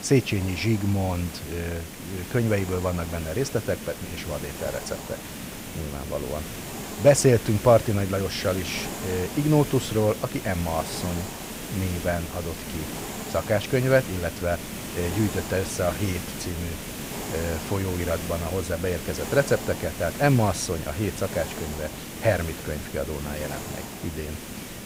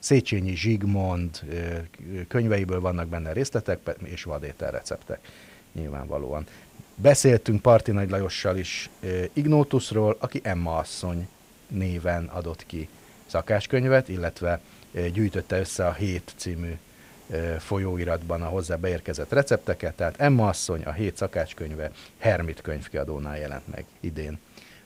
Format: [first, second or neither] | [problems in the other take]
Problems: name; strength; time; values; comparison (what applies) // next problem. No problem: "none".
second | hiss; loud; throughout; 8 dB below the speech; faint in the second